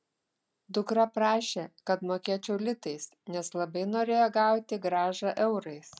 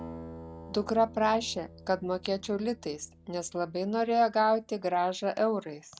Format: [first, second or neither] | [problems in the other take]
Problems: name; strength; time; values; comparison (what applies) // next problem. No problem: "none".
first | background sound (Acoustic guitar); 19 dB below the speech